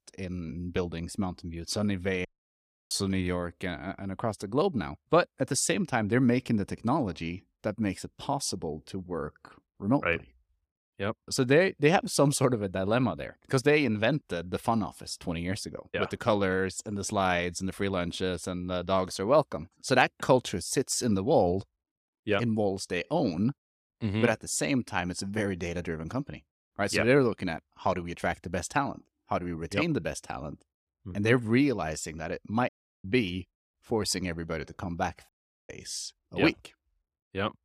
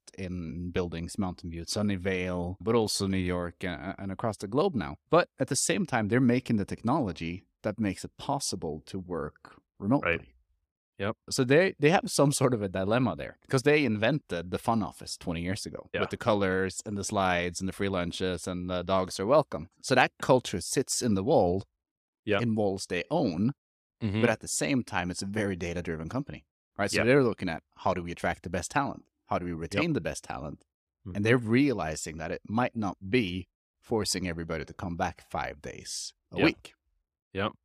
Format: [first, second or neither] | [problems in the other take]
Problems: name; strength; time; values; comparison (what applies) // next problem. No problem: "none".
second | audio cutting out; at 2.5 s for 0.5 s, at 33 s and at 35 s